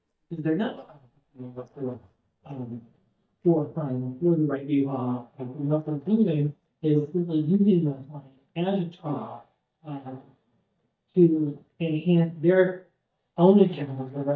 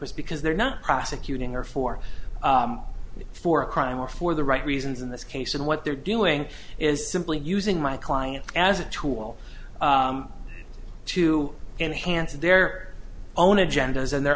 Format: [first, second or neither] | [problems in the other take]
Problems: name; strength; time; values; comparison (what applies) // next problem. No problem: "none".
second | noise reduction (neural mask model DeepFilterNet 3)